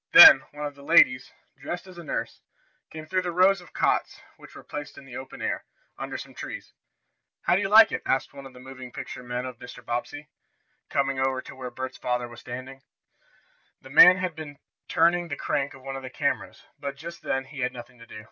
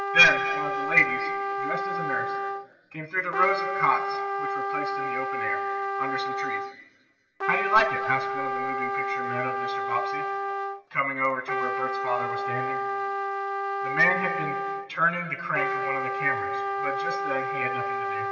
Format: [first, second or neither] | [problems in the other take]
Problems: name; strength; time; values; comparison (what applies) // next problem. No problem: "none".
first | background sound (Trumpet); 1 dB below the speech // room echo; dies away in 2.3 s